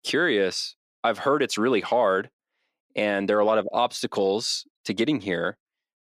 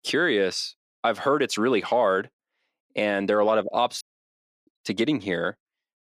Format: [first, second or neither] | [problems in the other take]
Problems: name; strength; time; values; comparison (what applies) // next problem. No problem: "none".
first | audio cutting out; at 4 s for 0.5 s